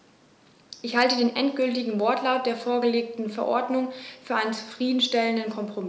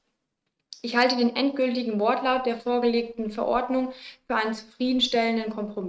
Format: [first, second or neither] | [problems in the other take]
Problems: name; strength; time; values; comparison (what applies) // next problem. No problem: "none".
first | noise reduction (neural mask model RNNoise)